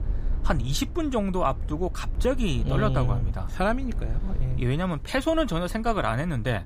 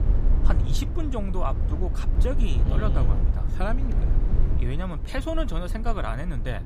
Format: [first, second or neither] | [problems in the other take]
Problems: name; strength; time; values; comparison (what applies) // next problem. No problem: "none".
first | low rumble; loud; throughout; 8 dB below the speech; faint in the first